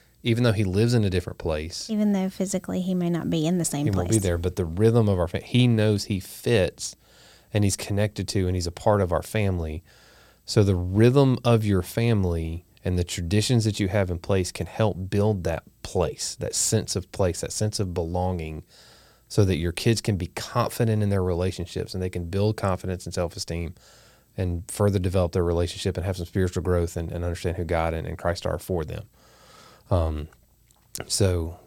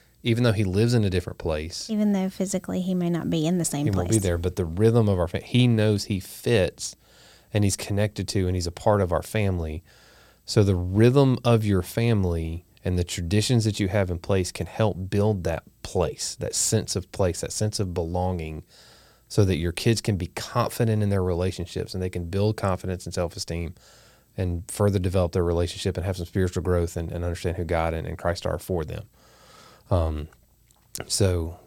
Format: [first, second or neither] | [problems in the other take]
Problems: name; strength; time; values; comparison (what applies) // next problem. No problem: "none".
neither | none